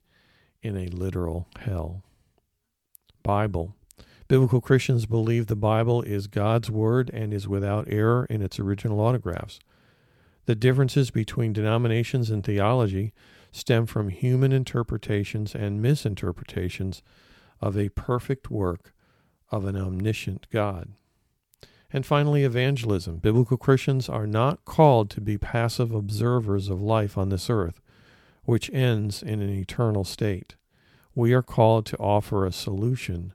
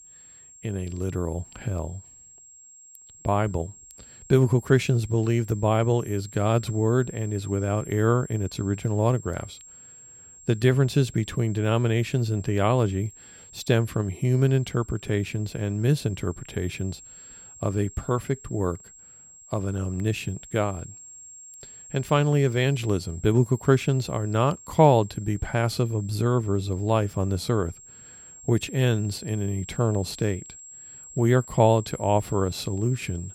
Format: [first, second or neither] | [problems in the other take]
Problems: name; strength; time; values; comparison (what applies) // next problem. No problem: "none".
first | high-pitched whine; noticeable; throughout; 7.5 kHz, 20 dB below the speech